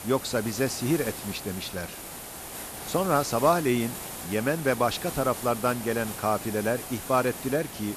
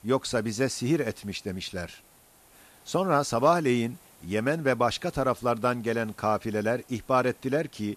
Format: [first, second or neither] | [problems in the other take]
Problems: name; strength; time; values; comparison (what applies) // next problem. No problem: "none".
second | hiss; loud; throughout; 9 dB below the speech; faint in the second